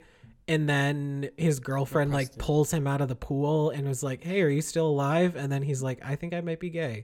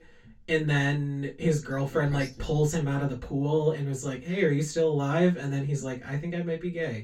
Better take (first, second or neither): first